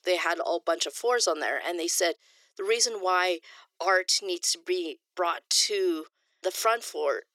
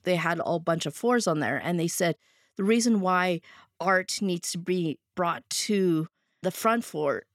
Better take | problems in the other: second | thin; very; fading below 350 Hz

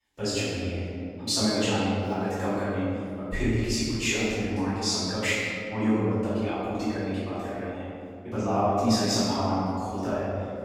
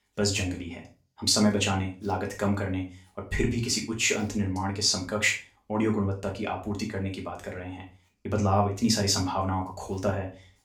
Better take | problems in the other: second | room echo; strong; dies away in 2.5 s; slight in the second // off-mic speech; far; somewhat distant in the second

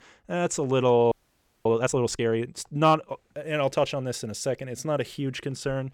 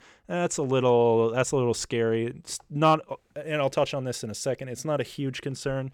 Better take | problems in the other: second | audio freezing; at 1 s for 0.5 s

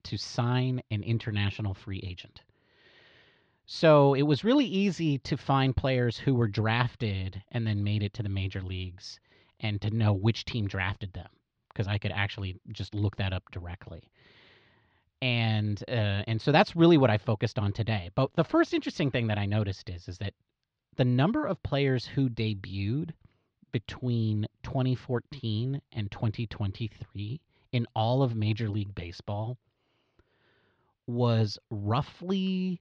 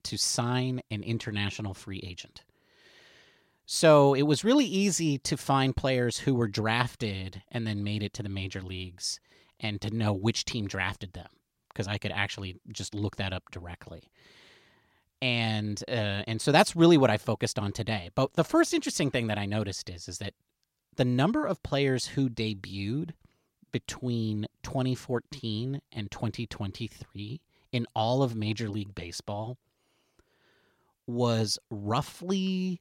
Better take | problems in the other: second | muffled; very slightly; fading above 4 kHz

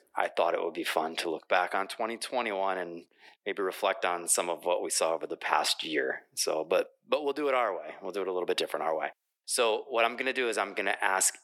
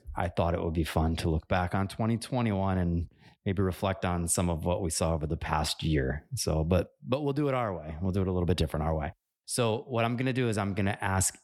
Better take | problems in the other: second | thin; very; fading below 350 Hz

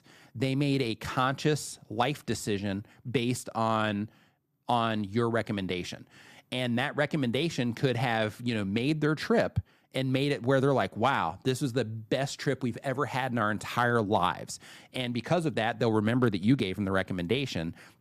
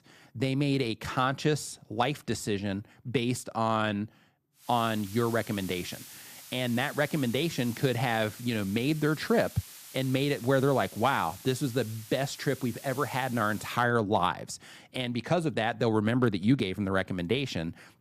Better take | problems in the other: first | hiss; noticeable; from 4.5 to 14 s; 15 dB below the speech

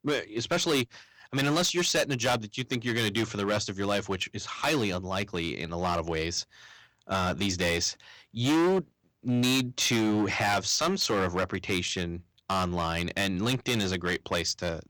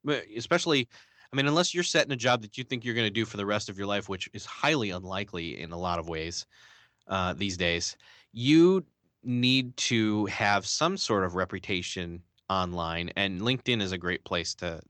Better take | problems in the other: second | distortion; heavy; 10% of the sound clipped

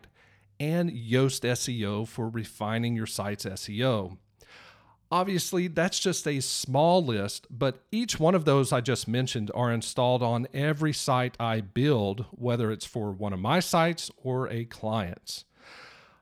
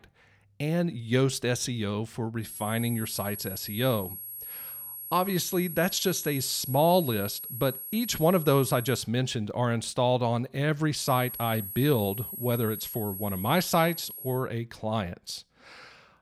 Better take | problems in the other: first | high-pitched whine; loud; from 2.5 to 9 s and from 11 to 14 s; 11.5 kHz, 8 dB below the speech

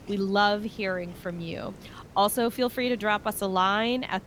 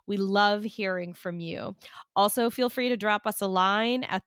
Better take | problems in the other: second | hiss; faint; throughout; 20 dB below the speech

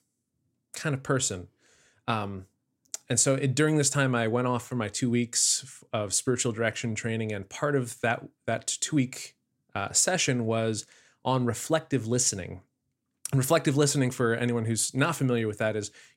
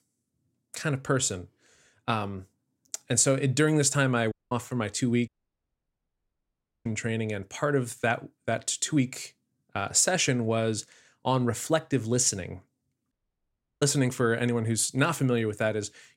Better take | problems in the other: first | audio cutting out; at 4.5 s, at 5.5 s for 1.5 s and at 13 s for 0.5 s

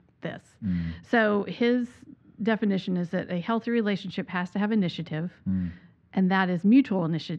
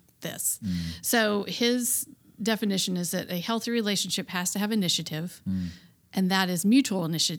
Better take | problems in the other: second | muffled; very; fading above 2 kHz

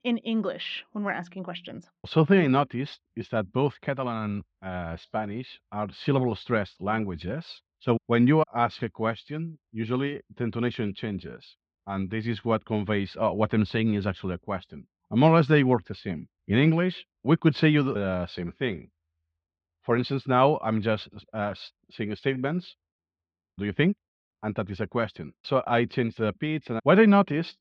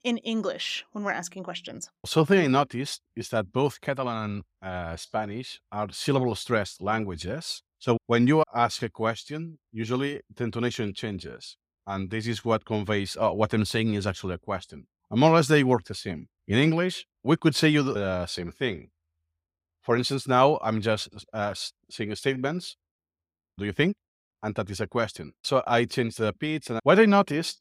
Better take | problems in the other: second | muffled; slightly; fading above 3.5 kHz

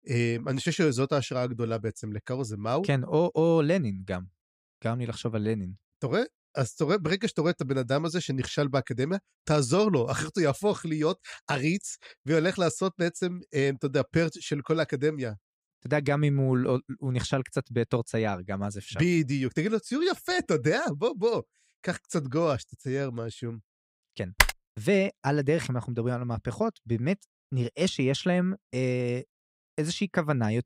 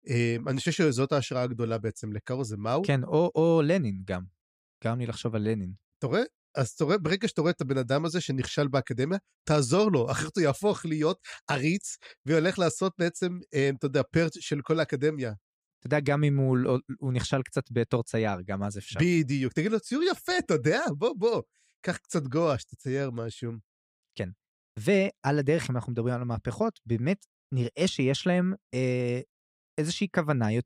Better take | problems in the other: second | keyboard typing; loud; at 24 s; peak 4 dB above the speech

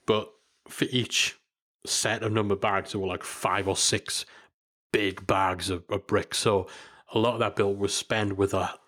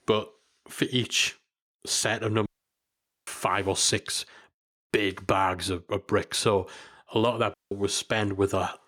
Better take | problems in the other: first | audio cutting out; at 2.5 s for 1 s and at 7.5 s

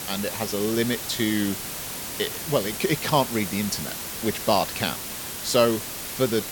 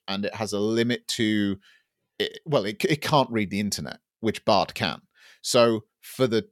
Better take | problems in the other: second | hiss; loud; throughout; 5 dB below the speech

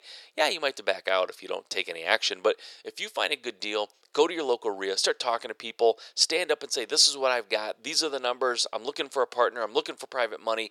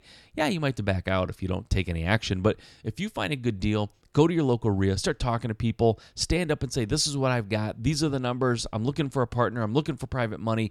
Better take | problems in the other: second | thin; very; fading below 450 Hz

